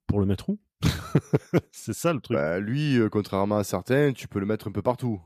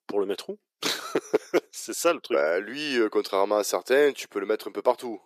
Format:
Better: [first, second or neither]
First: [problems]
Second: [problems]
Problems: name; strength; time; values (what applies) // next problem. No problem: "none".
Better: first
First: none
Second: thin; very; fading below 400 Hz